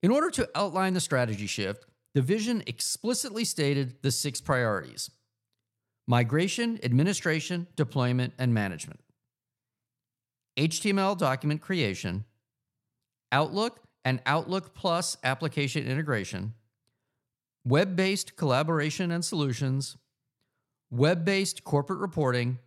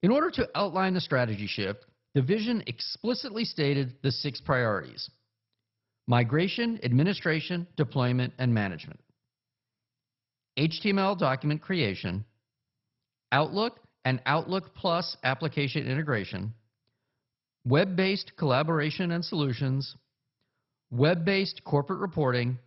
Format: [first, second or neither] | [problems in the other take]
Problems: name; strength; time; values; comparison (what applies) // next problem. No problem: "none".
first | garbled, watery; badly; nothing above 5.5 kHz